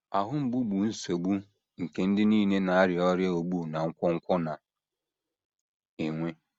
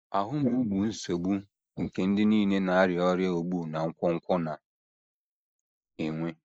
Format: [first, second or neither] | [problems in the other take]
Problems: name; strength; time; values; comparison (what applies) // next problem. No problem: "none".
first | noise reduction (neural mask model Resemble Enhance denoiser)